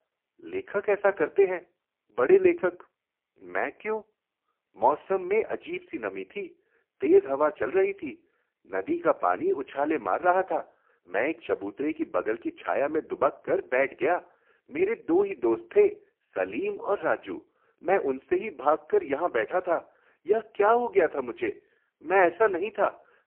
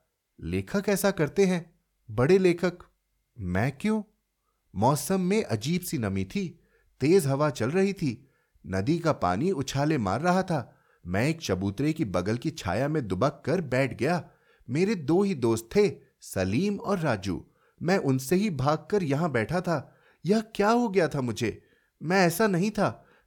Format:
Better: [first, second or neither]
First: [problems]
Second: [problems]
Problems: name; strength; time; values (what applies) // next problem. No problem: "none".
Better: second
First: phone-call audio; poor line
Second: none